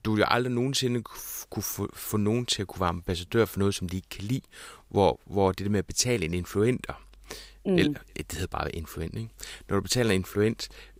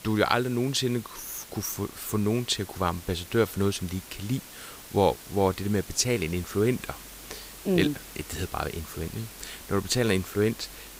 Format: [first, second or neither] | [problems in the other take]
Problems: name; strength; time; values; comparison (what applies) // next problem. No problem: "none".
first | hiss; noticeable; throughout; 15 dB below the speech